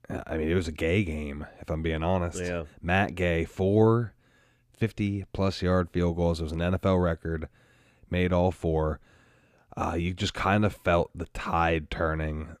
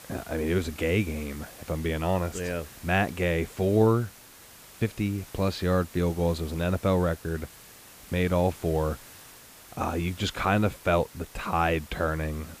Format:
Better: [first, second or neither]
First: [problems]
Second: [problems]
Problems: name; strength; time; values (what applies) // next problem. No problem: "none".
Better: first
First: none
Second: hiss; noticeable; throughout; 20 dB below the speech